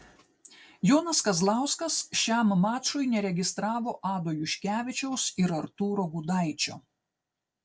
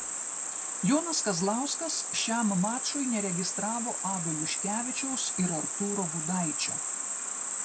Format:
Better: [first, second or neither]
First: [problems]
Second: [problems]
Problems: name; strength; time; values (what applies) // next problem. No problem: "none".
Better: first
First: none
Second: background sound (Cricket); as loud as the speech